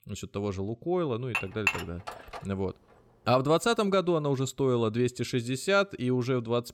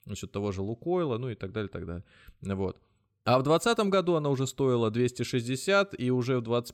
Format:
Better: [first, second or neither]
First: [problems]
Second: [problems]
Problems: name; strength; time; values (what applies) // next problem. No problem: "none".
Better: second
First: clattering dishes; loud; from 1.5 to 2.5 s; peak level with the speech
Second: none